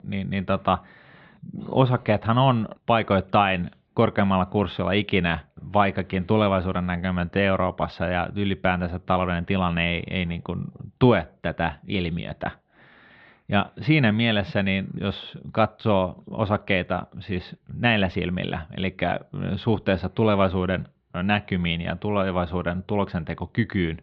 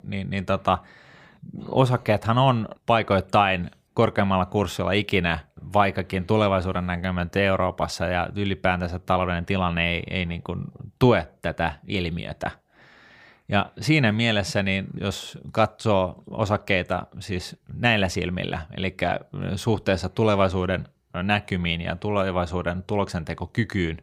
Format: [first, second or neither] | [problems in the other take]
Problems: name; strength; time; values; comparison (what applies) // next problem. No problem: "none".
second | muffled; slightly; fading above 3.5 kHz